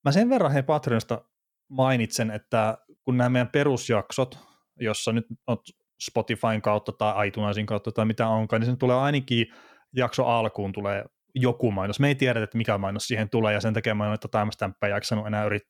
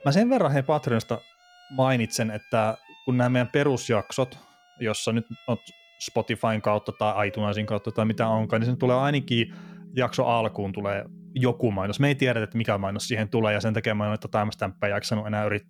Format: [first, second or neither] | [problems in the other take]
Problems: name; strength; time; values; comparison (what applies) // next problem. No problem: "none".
first | background music; faint; throughout; 20 dB below the speech